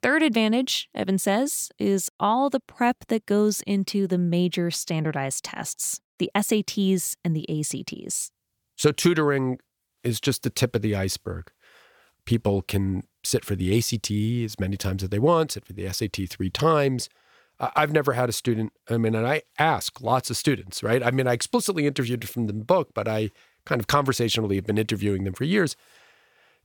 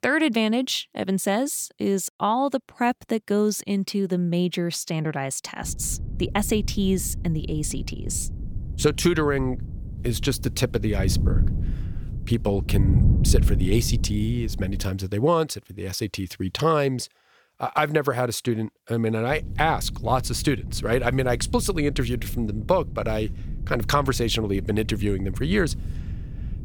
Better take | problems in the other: first | wind noise on the microphone; occasional gusts; from 5.5 to 15 s and from 19 s on; 15 dB below the speech

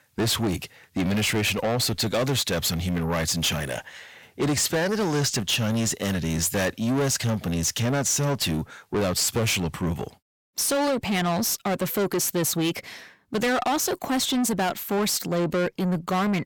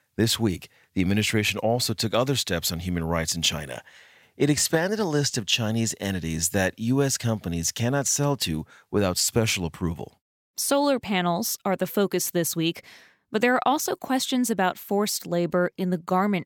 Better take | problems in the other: second | distortion; heavy; 7 dB below the speech

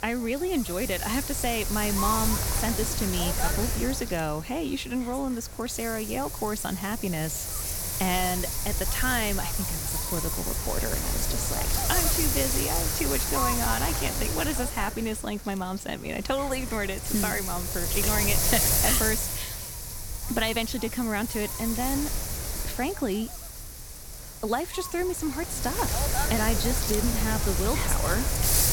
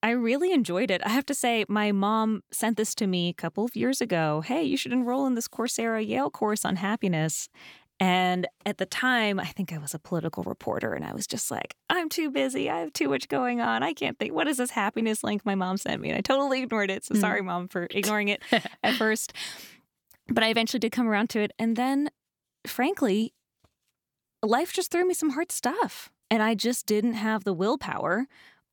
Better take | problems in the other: second | wind noise on the microphone; heavy; as loud as the speech

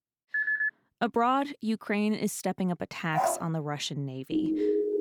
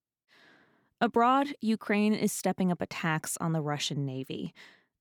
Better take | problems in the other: second | phone ringing; loud; at 0.5 s; peak 4 dB above the speech // dog barking; loud; at 3 s; peak 1 dB above the speech // siren; loud; at 4.5 s; peak 3 dB above the speech

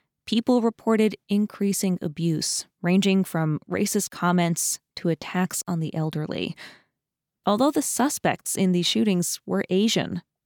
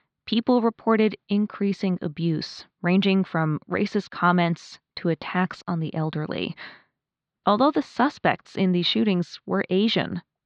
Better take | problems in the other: first | muffled; slightly; fading above 4 kHz

